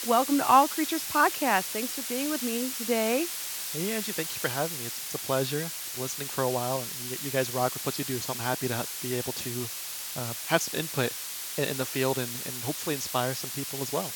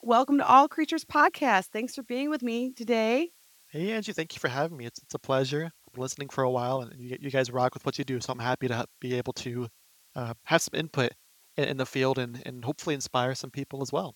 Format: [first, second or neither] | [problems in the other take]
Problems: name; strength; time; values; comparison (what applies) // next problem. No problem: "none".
second | hiss; loud; throughout; 3 dB below the speech; faint in the second